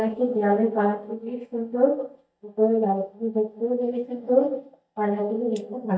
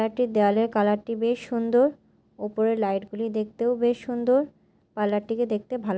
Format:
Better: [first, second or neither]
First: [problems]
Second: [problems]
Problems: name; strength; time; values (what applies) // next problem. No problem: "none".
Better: second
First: noise reduction (neural mask model DeepFilterNet 3)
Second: none